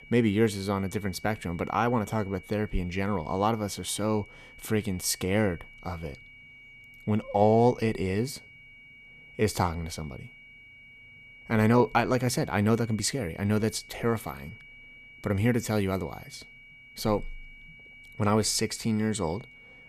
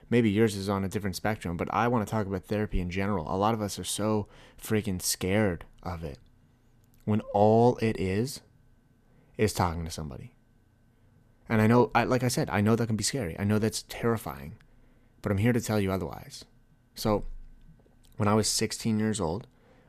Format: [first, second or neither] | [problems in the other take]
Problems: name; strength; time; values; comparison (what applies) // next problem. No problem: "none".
second | high-pitched whine; faint; throughout; 2.5 kHz, 20 dB below the speech